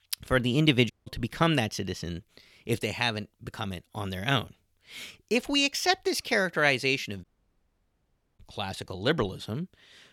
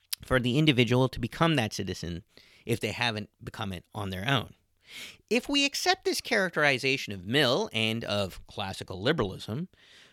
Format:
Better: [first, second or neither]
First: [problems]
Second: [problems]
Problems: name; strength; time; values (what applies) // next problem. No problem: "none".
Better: second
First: audio cutting out; at 1 s and at 7 s for 1 s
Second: none